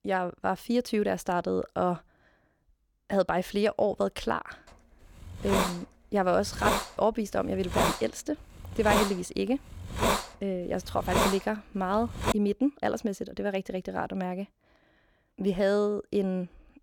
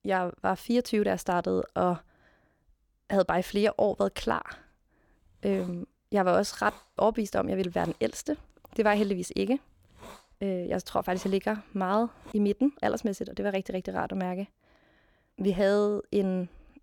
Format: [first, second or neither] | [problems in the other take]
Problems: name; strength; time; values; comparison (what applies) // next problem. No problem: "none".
second | hiss; loud; from 4.5 to 12 s; as loud as the speech; faint in the second